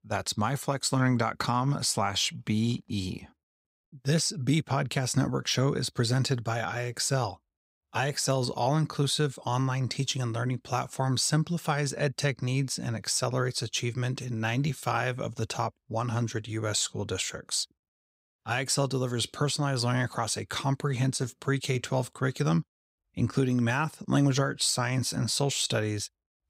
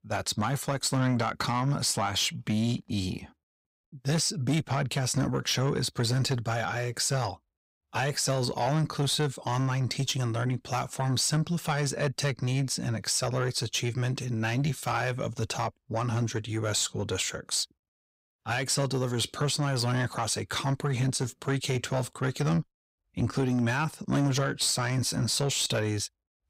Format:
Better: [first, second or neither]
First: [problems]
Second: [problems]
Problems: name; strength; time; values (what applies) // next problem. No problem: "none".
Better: first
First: none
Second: distortion; slight; 10 dB below the speech